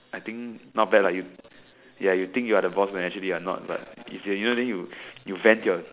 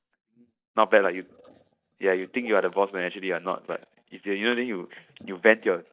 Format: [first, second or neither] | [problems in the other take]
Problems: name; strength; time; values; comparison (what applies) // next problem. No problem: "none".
first | noise reduction (neural mask model DeepFilterNet 3)